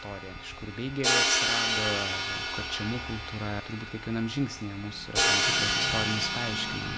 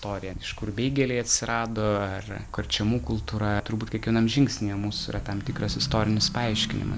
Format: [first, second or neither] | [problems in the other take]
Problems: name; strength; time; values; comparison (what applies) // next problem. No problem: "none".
second | background sound (Crash cymbal); 4 dB above the speech